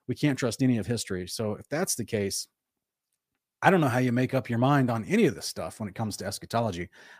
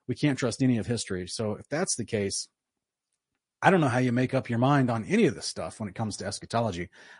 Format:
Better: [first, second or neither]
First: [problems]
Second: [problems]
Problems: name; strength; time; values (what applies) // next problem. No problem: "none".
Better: first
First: none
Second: garbled, watery; slightly; nothing above 10.5 kHz